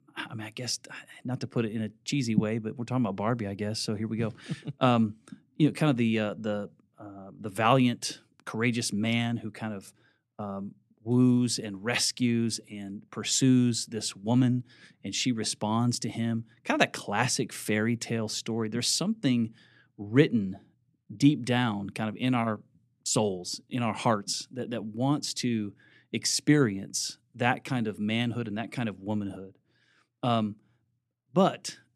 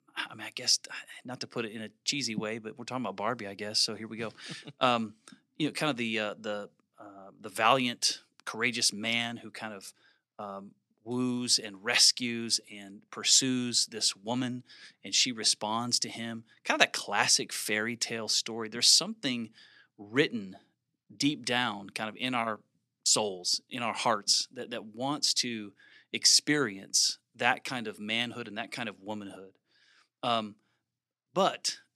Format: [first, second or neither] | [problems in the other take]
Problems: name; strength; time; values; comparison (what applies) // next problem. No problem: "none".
first | thin; somewhat; fading below 850 Hz